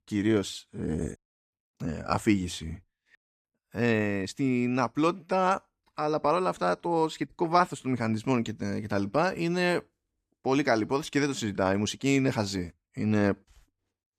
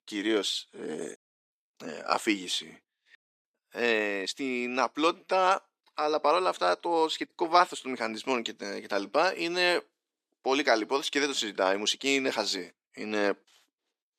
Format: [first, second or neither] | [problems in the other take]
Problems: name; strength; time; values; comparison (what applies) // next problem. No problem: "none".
first | thin; somewhat; fading below 350 Hz